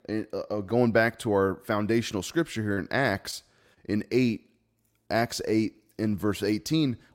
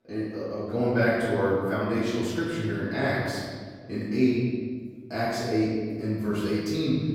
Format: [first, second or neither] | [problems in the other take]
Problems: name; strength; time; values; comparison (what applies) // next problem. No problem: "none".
first | off-mic speech; far // room echo; strong; dies away in 1.6 s